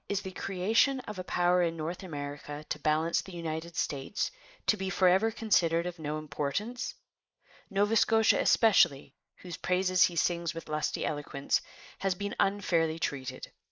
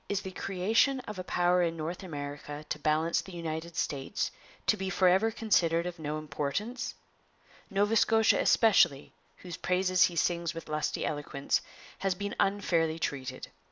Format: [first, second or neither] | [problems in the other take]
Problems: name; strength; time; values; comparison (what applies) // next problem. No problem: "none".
second | noise reduction (neural mask model Resemble Enhance denoiser)